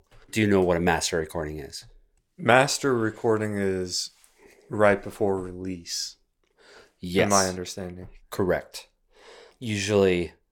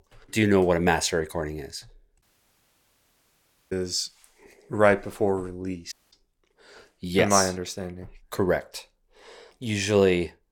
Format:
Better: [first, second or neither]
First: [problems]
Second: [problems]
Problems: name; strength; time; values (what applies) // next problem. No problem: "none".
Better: first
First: none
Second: audio cutting out; at 2 s for 1.5 s and at 6 s